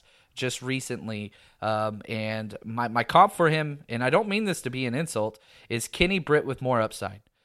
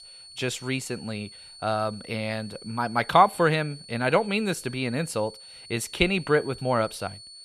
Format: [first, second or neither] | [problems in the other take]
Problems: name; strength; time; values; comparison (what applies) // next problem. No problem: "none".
first | high-pitched whine; noticeable; throughout; 4.5 kHz, 15 dB below the speech